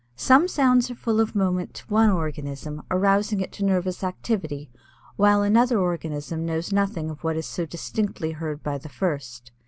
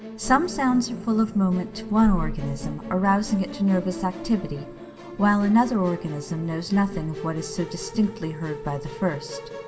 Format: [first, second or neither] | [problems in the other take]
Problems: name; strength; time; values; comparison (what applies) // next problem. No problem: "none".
first | background sound (Musical instrument); 13 dB below the speech // room echo; dies away in 2 s